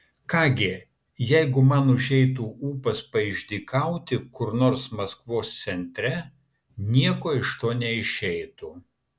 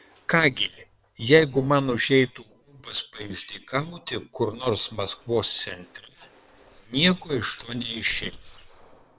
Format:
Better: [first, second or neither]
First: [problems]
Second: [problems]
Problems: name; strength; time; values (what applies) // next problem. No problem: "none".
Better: first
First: none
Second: noise reduction (neural separator model SepFormer WHAM!)